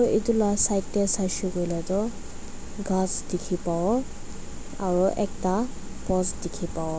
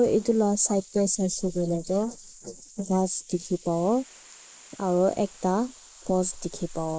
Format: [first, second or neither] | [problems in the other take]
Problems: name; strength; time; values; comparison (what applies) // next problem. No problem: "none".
first | noise reduction (neural mask model Resemble Enhance denoiser)